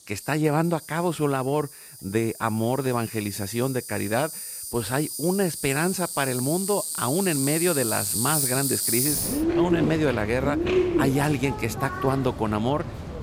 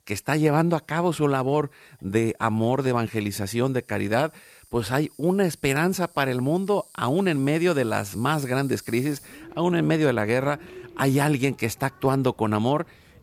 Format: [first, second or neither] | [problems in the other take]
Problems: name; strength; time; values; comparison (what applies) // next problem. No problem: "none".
second | animal sounds; loud; throughout; 1 dB below the speech; faint in the second